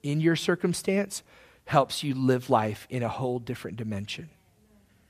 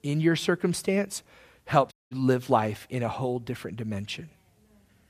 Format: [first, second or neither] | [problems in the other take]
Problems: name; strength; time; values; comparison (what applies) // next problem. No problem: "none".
first | audio cutting out; at 2 s